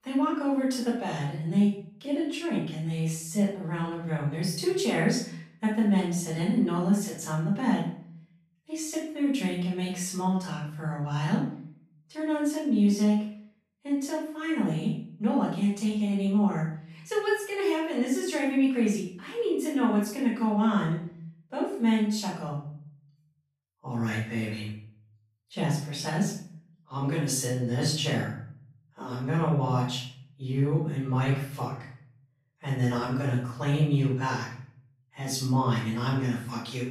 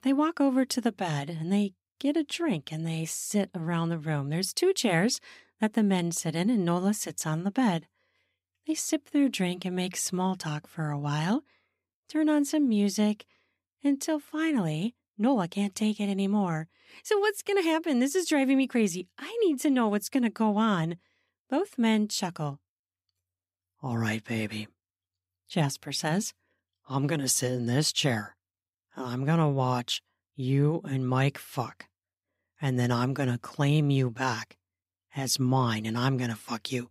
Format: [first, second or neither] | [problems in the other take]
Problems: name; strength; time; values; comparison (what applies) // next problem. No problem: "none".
second | off-mic speech; far // room echo; noticeable; dies away in 0.6 s